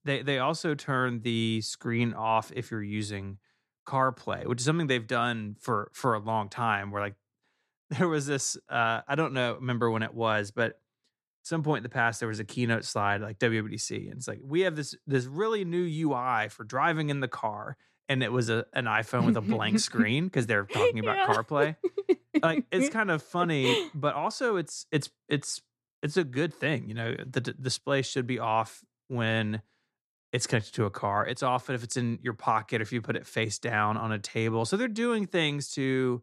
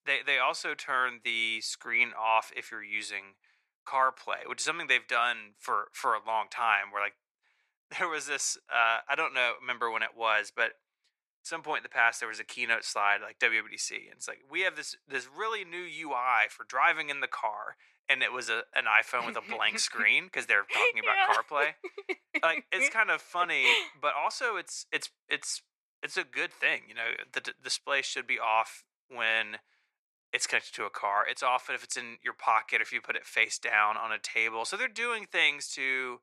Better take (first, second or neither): first